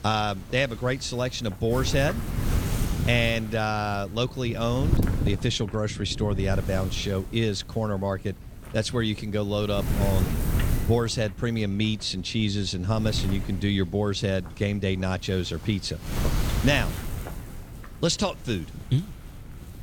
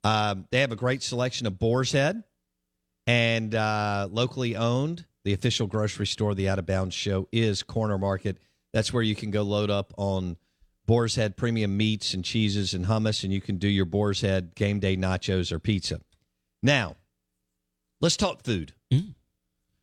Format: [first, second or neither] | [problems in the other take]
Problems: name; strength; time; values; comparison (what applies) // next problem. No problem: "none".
second | wind noise on the microphone; occasional gusts; 10 dB below the speech